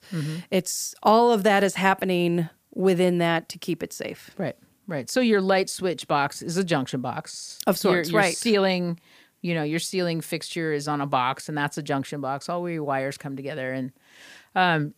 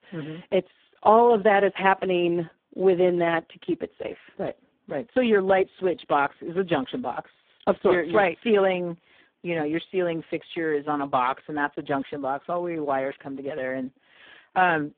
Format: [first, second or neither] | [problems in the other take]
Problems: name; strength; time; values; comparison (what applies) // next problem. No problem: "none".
first | phone-call audio; poor line